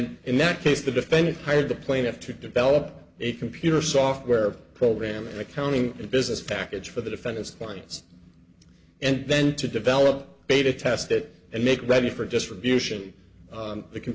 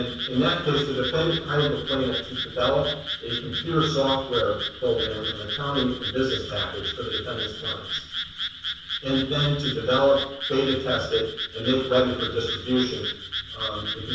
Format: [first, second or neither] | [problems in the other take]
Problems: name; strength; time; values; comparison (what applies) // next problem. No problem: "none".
first | background sound (Frog); 7 dB below the speech // room echo; dies away in 0.7 s